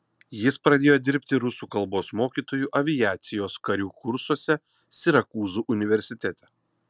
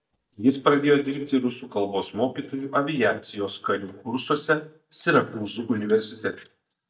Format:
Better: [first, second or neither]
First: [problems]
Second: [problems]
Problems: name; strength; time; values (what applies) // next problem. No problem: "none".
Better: first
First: none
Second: noise reduction (neural mask model DeepFilterNet 3)